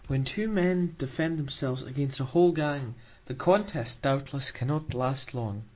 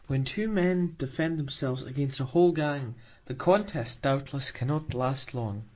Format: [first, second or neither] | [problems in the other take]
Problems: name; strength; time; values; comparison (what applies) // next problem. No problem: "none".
first | noise reduction (neural mask model Resemble Enhance denoiser)